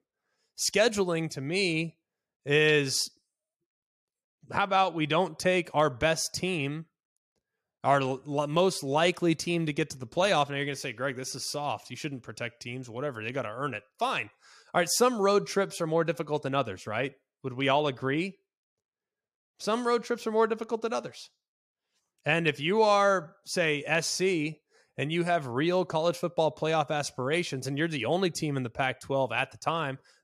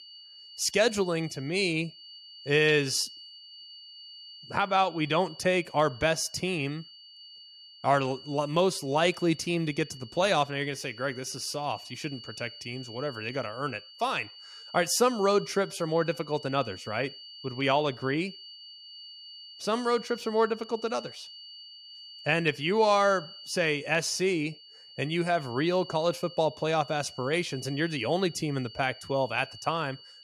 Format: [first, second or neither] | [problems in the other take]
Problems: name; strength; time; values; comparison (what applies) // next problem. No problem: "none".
first | high-pitched whine; noticeable; throughout; 4.5 kHz, 15 dB below the speech